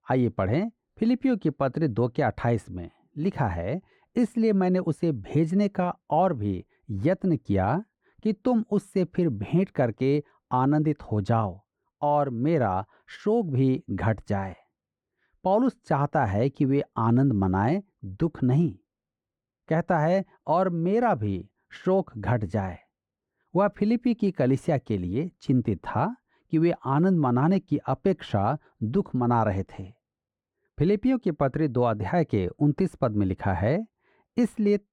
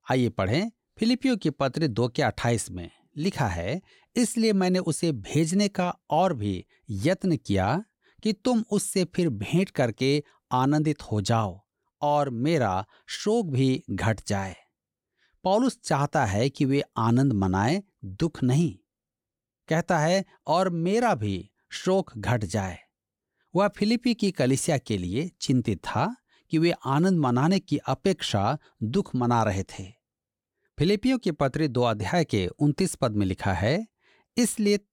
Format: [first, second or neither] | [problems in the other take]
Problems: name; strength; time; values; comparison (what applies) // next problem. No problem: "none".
second | muffled; very; fading above 3 kHz